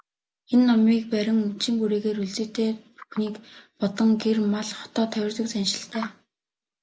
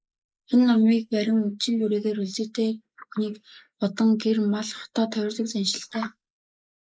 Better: first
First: none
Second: noise reduction (neural mask model Resemble Enhance denoiser)

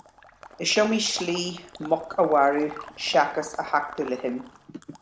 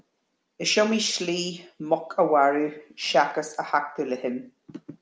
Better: second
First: background sound (Water / Liquid); 17 dB below the speech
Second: none

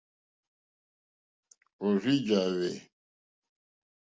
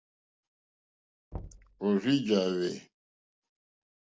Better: first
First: none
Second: background sound (Knock); 16 dB below the speech

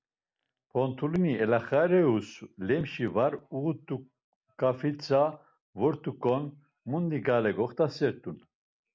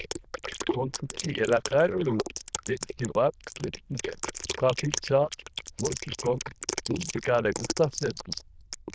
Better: first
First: none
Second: noise reduction (neural diffusion model UNIVERSE++)

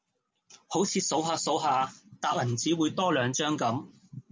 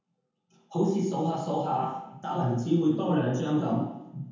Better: first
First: none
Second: room echo; dies away in 0.9 s

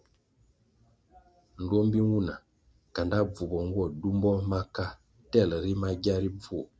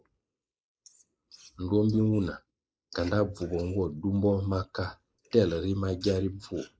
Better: first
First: none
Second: noise reduction (neural mask model Resemble Enhance denoiser)

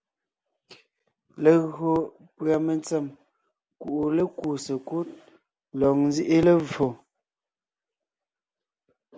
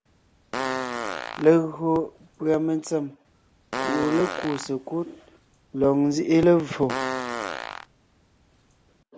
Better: first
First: none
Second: background sound (Fart); 8 dB below the speech

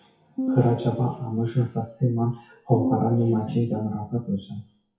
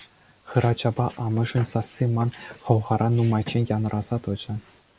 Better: second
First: noise reduction (classical method WPE with log-MMSE)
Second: none

